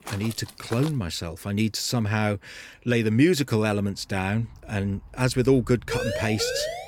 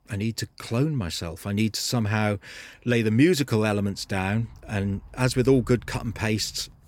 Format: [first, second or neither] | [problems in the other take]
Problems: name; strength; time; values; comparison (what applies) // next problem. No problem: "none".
second | footsteps; faint; at the start; peak 10 dB below the speech // siren; noticeable; at 6 s; peak 4 dB below the speech